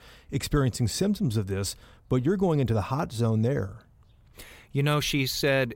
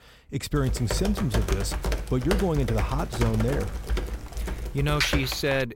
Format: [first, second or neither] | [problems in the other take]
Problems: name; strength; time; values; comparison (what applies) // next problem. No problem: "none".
first | keyboard typing; loud; from 0.5 s on; peak 2 dB above the speech